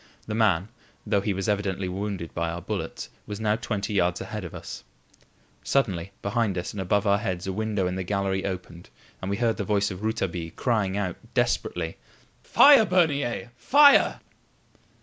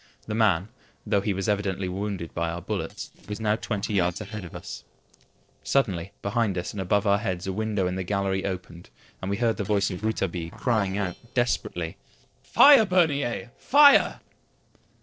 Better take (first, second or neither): first